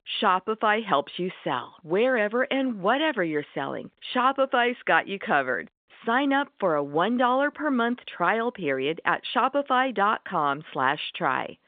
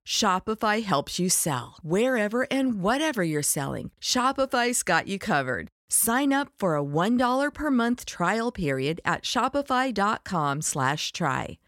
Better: second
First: phone-call audio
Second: none

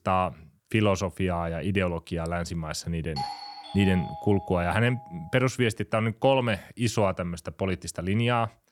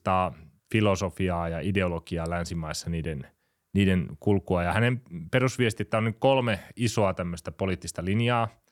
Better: second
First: doorbell; noticeable; from 3 to 5 s; peak 7 dB below the speech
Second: none

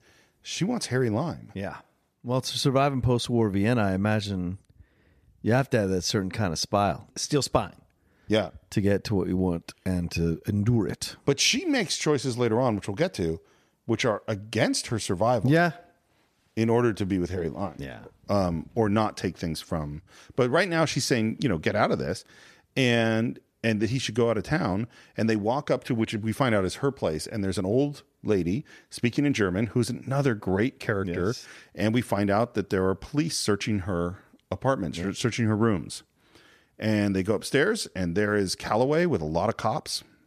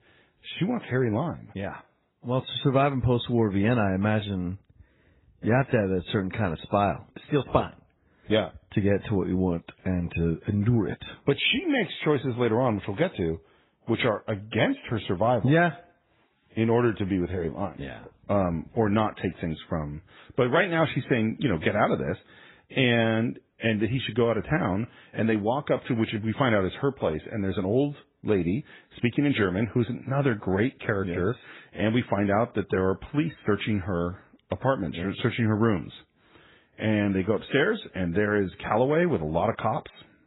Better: first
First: none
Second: garbled, watery; badly; nothing above 4 kHz

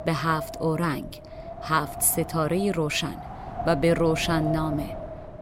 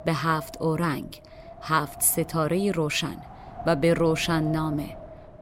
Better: second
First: wind noise on the microphone; heavy; 9 dB below the speech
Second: wind noise on the microphone; occasional gusts; 15 dB below the speech

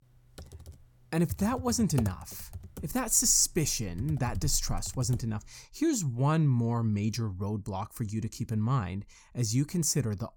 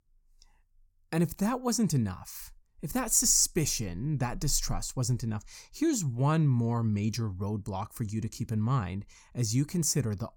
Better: second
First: keyboard typing; noticeable; until 5 s; peak 7 dB below the speech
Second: none

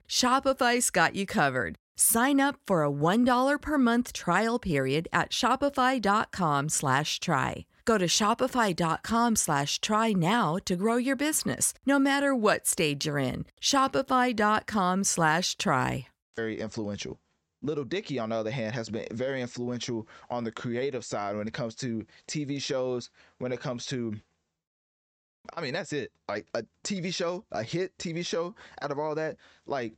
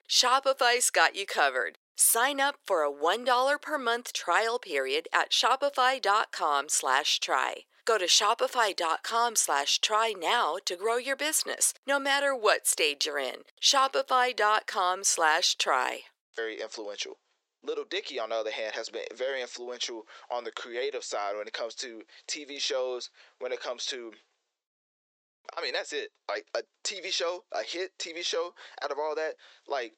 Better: first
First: none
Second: thin; very; fading below 400 Hz

